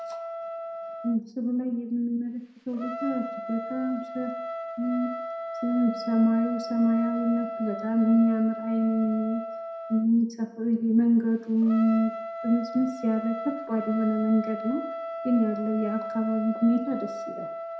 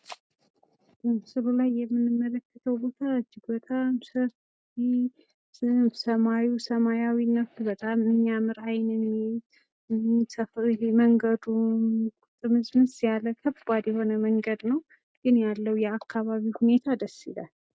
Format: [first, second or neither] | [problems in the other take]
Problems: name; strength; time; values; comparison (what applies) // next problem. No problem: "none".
second | background sound (Trumpet); 9 dB below the speech // room echo; dies away in 0.6 s